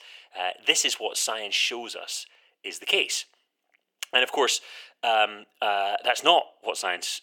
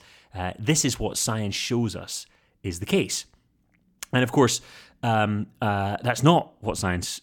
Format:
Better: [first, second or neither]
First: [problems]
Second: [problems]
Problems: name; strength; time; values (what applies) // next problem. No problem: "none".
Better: second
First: thin; very; fading below 450 Hz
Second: none